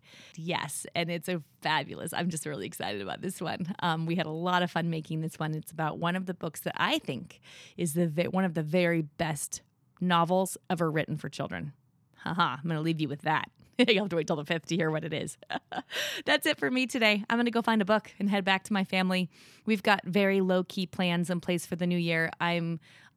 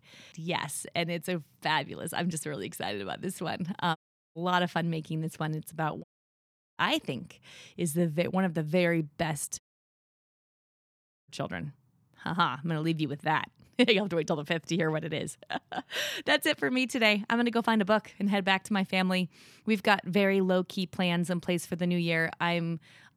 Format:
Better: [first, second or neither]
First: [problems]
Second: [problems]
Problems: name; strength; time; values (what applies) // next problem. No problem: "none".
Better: first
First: none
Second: audio cutting out; at 4 s, at 6 s for 0.5 s and at 9.5 s for 1.5 s